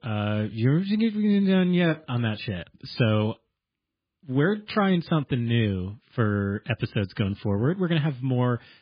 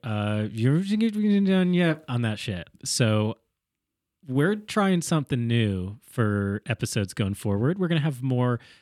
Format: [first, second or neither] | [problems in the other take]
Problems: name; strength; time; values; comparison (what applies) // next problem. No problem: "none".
second | garbled, watery; badly